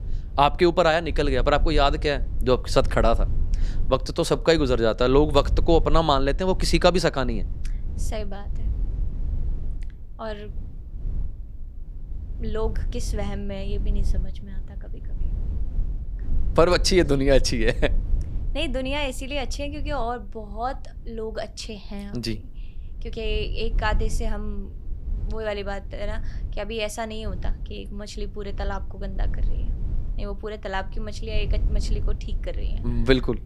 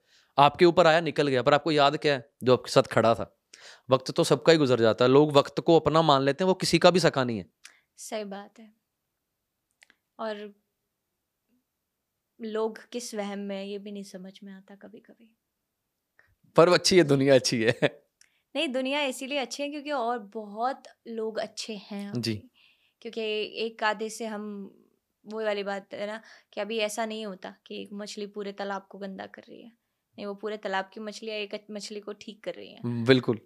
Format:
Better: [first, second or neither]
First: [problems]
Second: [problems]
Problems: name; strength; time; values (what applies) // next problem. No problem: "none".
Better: second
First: low rumble; faint; throughout; 25 dB below the speech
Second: none